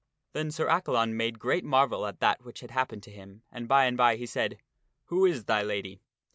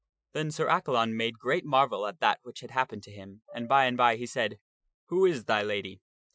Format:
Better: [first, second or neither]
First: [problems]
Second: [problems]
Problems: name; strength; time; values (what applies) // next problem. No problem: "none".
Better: first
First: none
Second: noise reduction (classical method Wiener filter)